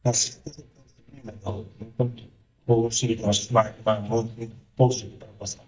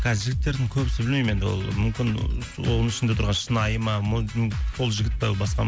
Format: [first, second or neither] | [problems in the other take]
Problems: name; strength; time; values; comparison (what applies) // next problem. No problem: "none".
second | noise reduction (neural mask model DeepFilterNet 3)